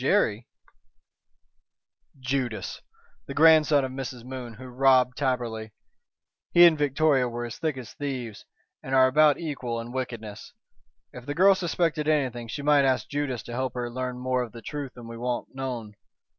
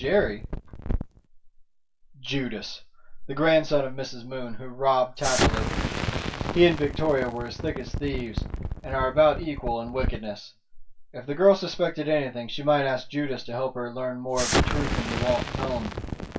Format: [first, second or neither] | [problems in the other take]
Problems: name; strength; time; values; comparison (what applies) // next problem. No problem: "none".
first | background sound (Explosion); 5 dB below the speech // room echo; dies away in 0.2 s